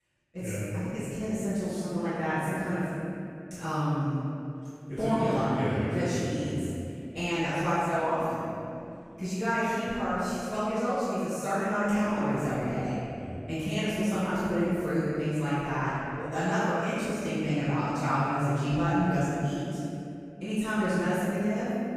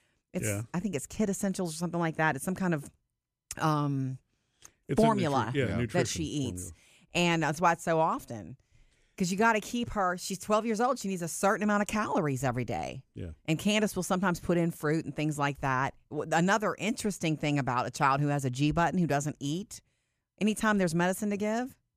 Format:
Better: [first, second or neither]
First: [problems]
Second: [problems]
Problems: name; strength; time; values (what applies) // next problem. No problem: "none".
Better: second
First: room echo; strong; dies away in 2.6 s // off-mic speech; far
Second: none